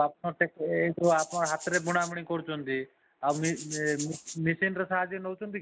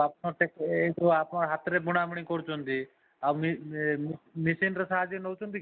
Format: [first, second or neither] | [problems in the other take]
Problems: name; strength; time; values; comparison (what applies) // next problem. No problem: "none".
second | background sound (Rattle (instrument)); 11 dB below the speech